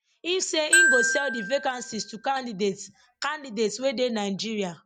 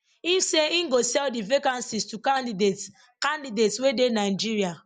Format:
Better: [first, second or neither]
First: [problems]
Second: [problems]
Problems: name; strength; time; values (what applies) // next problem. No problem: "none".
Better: second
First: background sound (Glockenspiel); 1 dB above the speech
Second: none